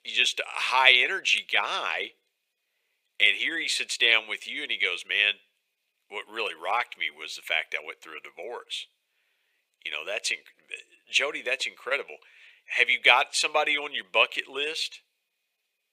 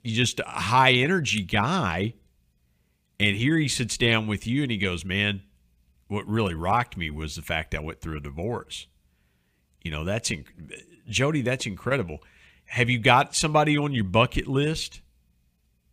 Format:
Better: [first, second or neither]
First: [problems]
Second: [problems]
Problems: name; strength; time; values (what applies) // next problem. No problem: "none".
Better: second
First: thin; very; fading below 450 Hz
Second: none